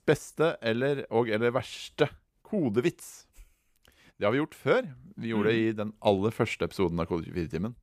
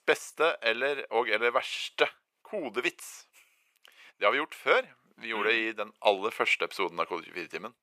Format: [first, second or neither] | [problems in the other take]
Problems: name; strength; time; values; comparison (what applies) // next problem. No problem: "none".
first | thin; very; fading below 600 Hz